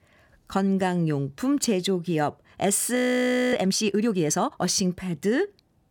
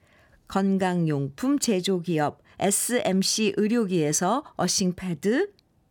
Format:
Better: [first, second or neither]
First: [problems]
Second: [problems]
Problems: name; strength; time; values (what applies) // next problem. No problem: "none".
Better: second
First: audio freezing; at 3 s for 0.5 s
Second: none